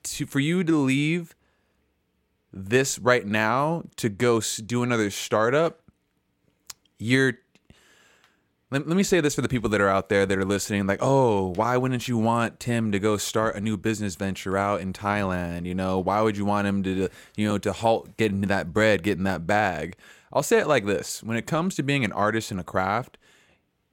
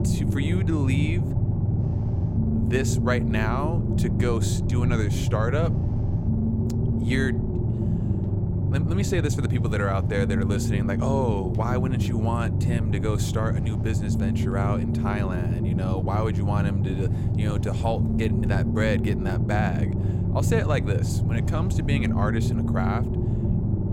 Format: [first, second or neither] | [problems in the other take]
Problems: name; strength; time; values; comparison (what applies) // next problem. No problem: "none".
first | low rumble; loud; throughout; 4 dB below the speech